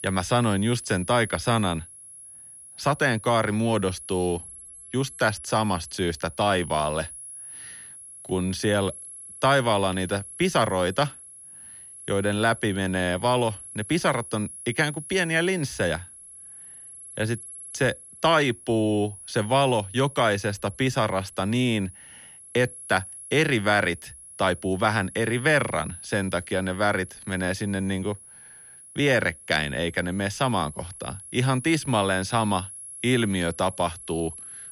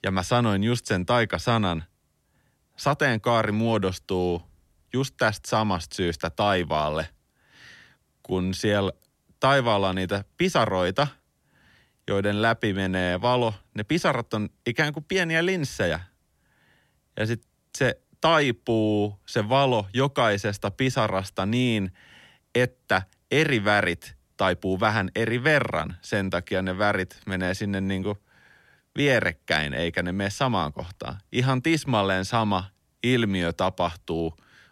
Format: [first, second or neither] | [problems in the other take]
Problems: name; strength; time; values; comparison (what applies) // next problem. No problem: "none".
second | high-pitched whine; noticeable; throughout; 10.5 kHz, 15 dB below the speech